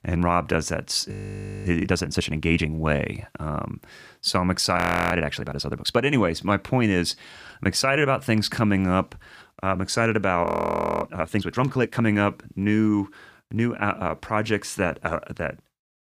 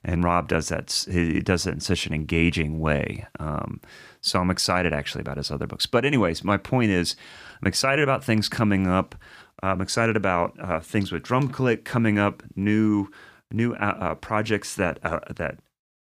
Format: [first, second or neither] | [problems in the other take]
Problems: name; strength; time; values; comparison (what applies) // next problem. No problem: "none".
second | audio freezing; at 1 s for 0.5 s, at 5 s and at 10 s for 0.5 s